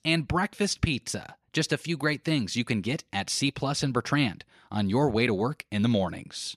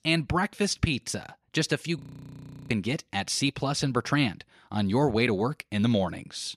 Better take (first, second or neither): first